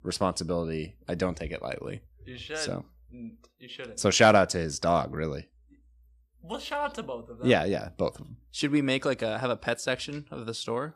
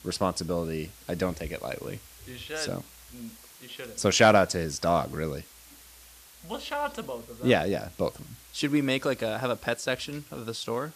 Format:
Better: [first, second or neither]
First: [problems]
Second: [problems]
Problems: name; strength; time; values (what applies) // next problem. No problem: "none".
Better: first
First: none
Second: hiss; faint; throughout; 20 dB below the speech